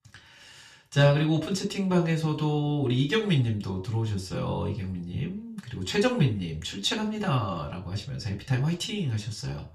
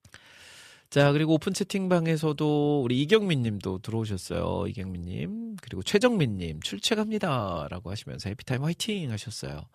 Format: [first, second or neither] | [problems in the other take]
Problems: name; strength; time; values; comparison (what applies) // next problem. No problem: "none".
second | room echo; slight; dies away in 0.3 s // off-mic speech; far